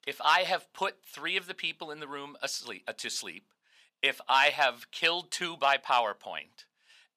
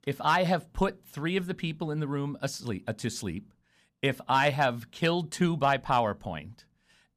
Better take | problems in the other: second | thin; very; fading below 650 Hz

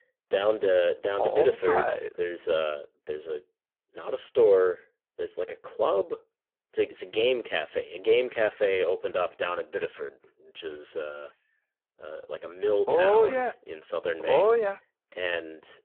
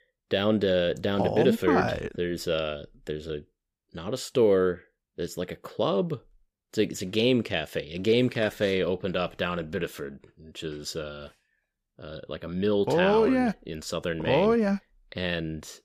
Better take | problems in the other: second | phone-call audio; poor line

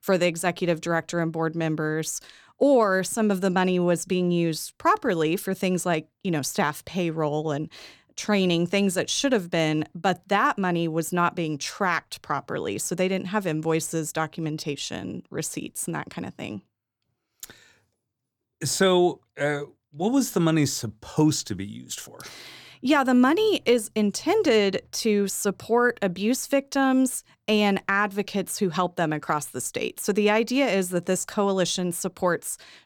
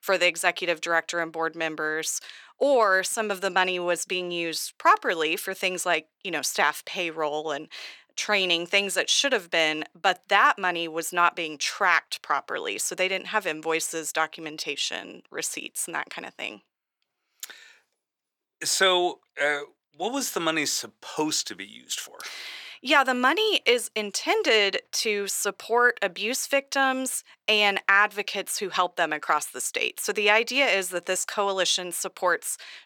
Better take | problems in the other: first | thin; very; fading below 500 Hz

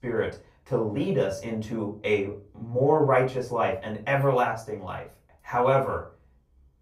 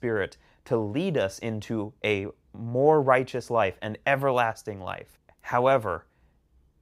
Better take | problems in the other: second | off-mic speech; far // room echo; slight; dies away in 0.3 s

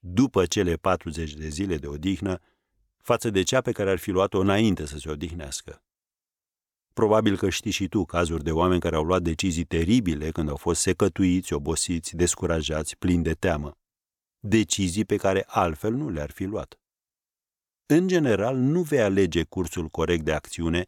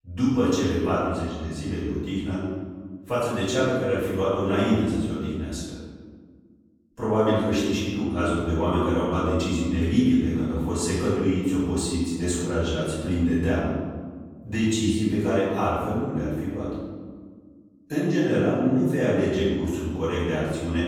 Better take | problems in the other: first | off-mic speech; far // room echo; strong; dies away in 1.6 s

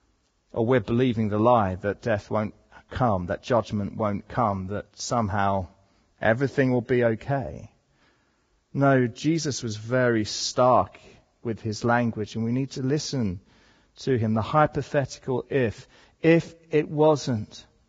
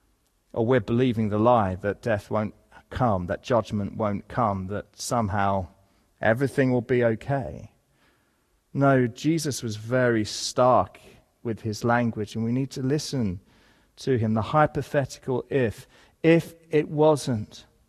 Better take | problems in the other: second | garbled, watery; badly; nothing above 7.5 kHz; slightly in the second

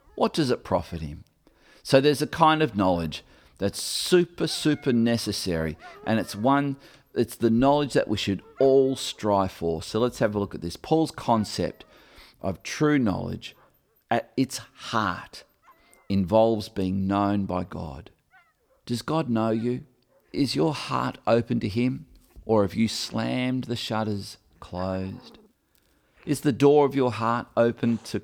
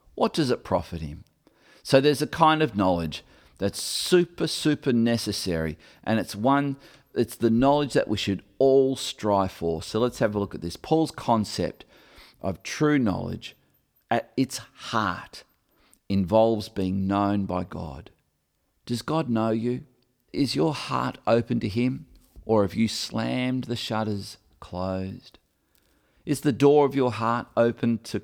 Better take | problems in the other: second | animal sounds; faint; throughout; 30 dB below the speech

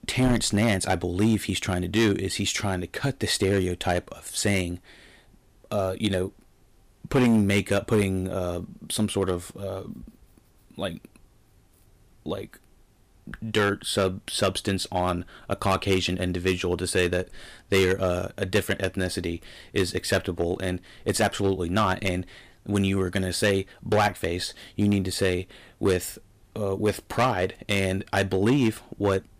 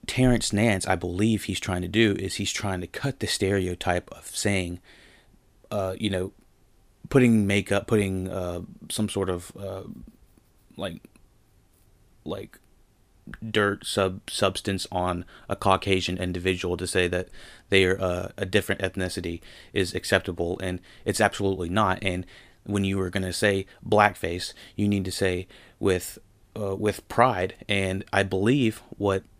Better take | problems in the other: second | distortion; slight; 3% of the sound clipped

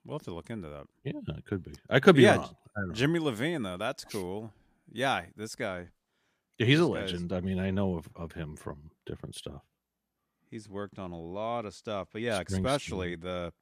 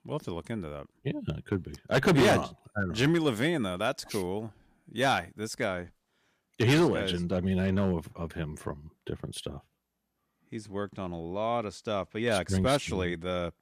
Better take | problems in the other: first | distortion; heavy; 2% of the sound clipped

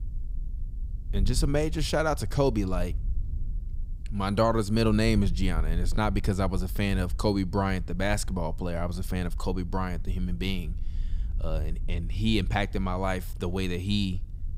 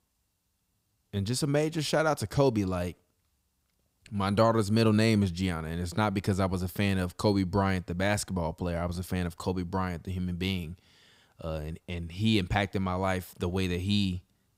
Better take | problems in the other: second | wind noise on the microphone; occasional gusts; 25 dB below the speech

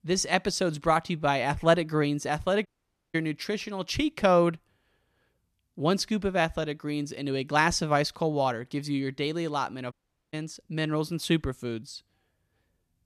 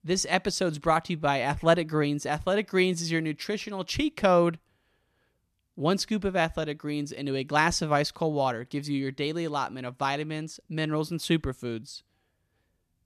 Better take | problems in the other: second | audio cutting out; at 2.5 s and at 10 s

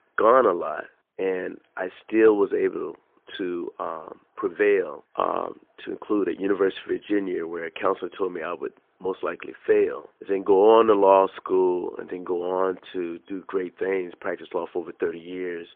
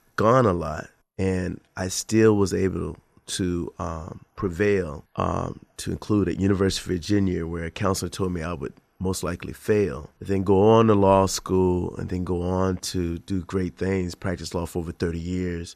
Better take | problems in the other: second | phone-call audio; poor line; nothing above 3.5 kHz

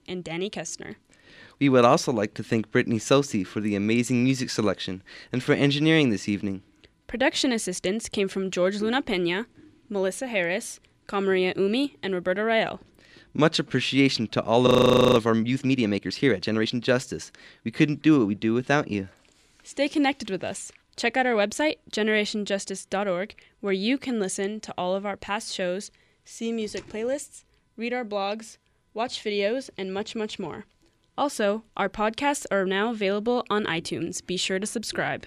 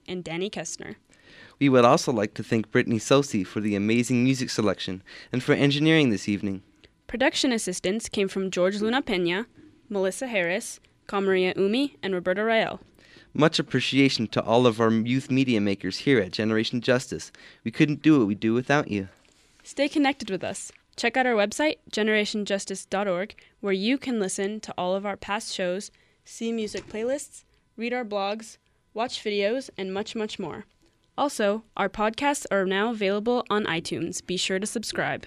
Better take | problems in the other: second | audio freezing; at 15 s

